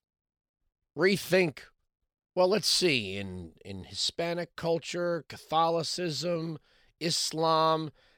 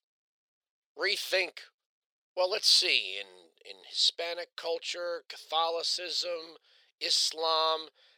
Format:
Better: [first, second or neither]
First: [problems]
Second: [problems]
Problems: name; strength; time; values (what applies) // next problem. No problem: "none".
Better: first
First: none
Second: thin; very; fading below 500 Hz